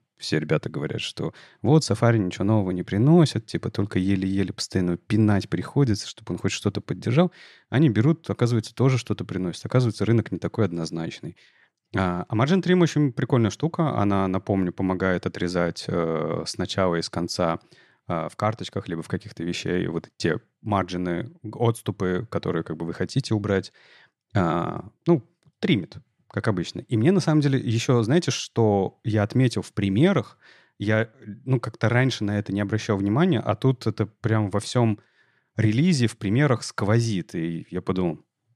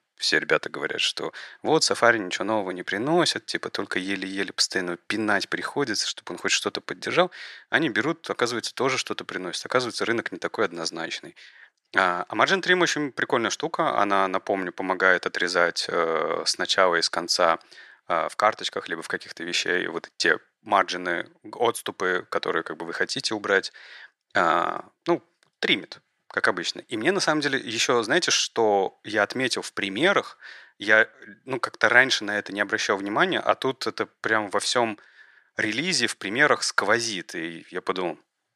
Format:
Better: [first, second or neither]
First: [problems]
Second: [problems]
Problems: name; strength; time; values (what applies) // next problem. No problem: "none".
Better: first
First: none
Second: thin; very; fading below 550 Hz